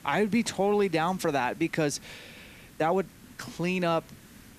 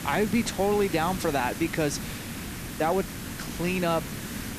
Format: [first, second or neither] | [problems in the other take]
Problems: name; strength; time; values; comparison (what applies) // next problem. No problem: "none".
first | hiss; loud; throughout; 8 dB below the speech; faint in the first